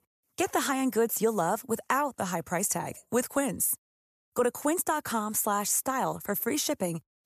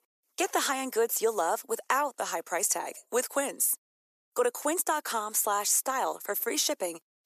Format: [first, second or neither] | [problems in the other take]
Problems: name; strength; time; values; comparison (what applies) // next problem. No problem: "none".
first | thin; somewhat; fading below 350 Hz